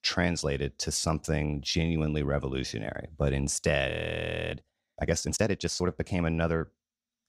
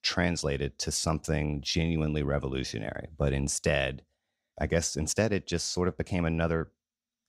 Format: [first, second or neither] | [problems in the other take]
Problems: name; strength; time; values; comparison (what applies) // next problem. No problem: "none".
second | audio freezing; at 4 s for 0.5 s